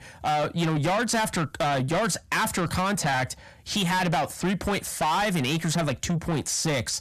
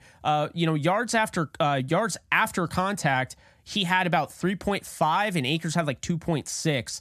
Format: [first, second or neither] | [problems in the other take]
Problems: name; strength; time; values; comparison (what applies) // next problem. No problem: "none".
second | distortion; heavy; 6 dB below the speech